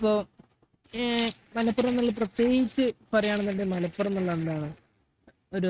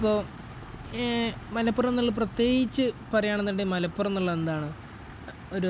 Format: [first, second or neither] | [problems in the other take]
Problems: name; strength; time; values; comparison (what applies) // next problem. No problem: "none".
second | noise reduction (neural mask model RNNoise)